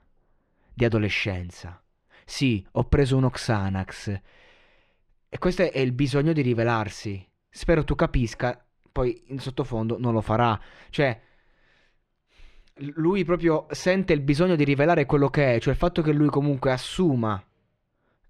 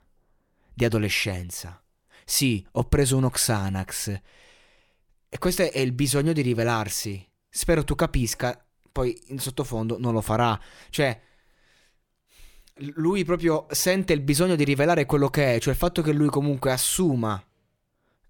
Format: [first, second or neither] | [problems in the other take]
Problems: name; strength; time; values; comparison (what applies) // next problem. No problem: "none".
second | muffled; slightly; fading above 3 kHz